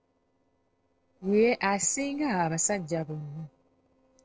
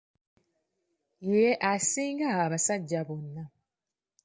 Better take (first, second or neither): second